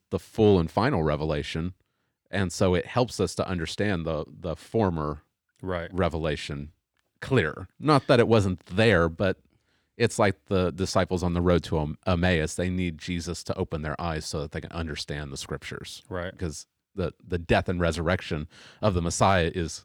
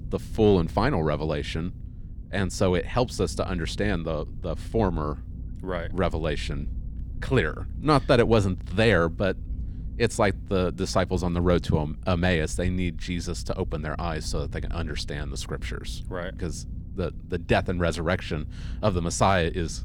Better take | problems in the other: first | low rumble; faint; throughout; 25 dB below the speech

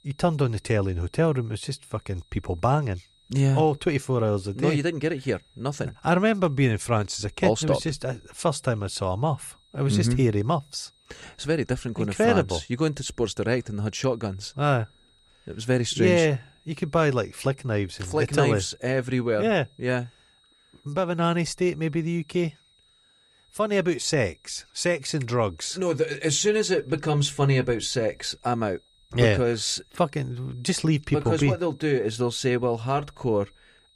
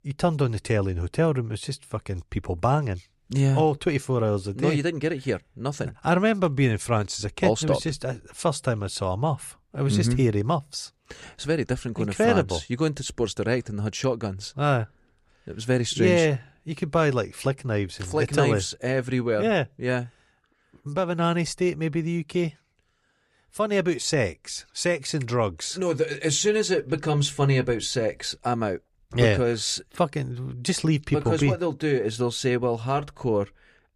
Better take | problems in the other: second | high-pitched whine; faint; throughout; 4 kHz, 35 dB below the speech

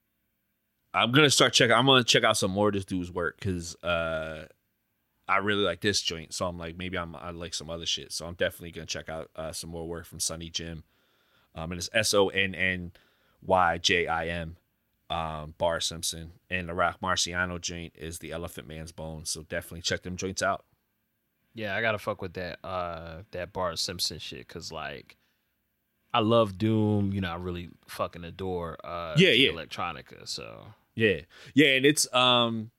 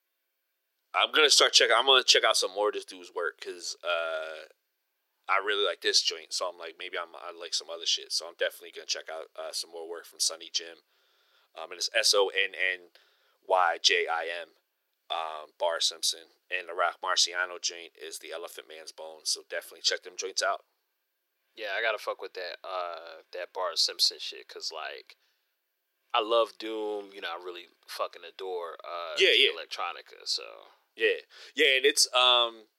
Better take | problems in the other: first | thin; very; fading below 400 Hz

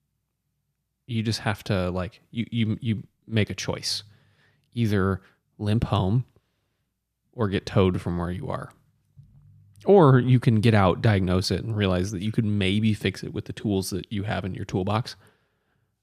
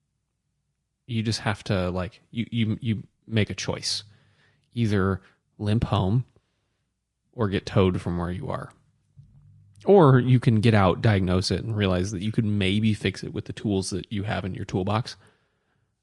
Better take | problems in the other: first | garbled, watery; slightly; nothing above 10.5 kHz

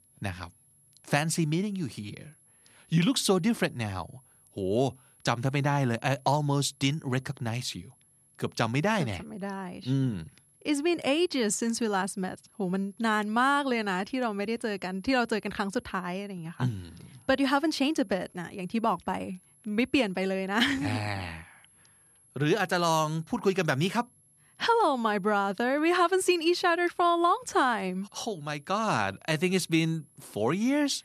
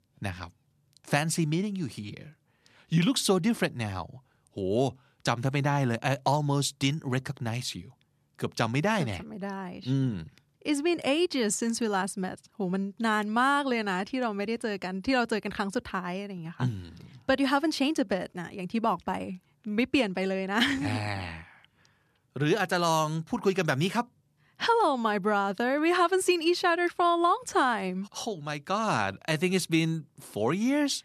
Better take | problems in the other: second | high-pitched whine; faint; throughout; 11 kHz, 30 dB below the speech

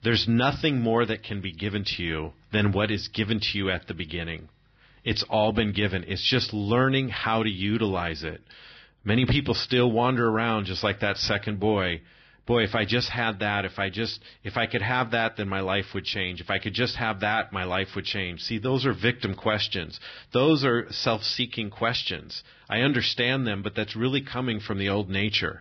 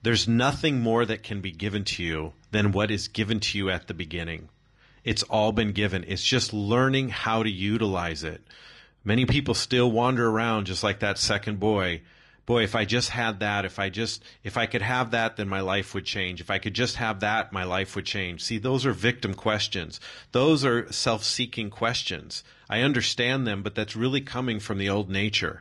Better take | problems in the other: second | garbled, watery; badly; nothing above 5.5 kHz; slightly in the second

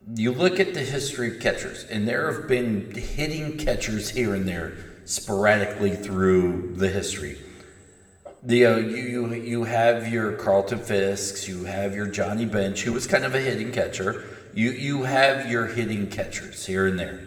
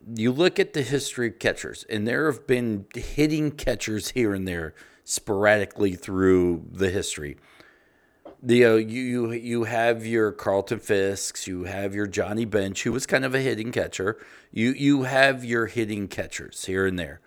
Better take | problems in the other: second | room echo; slight; dies away in 1.5 s

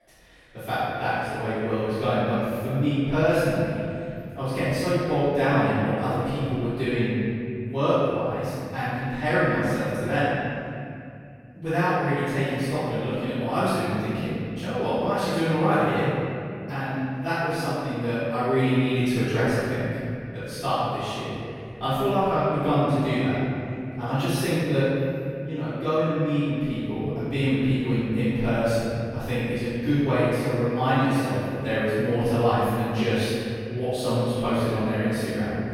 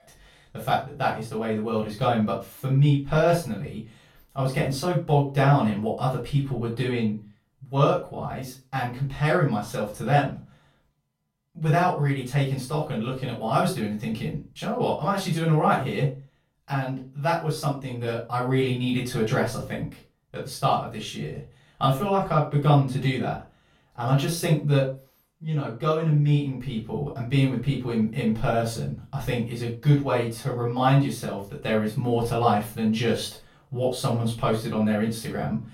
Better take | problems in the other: second | room echo; strong; dies away in 2.6 s; slight in the second // off-mic speech; far; far in the second

